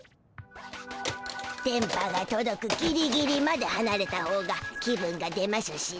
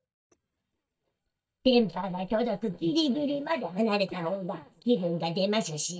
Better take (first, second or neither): first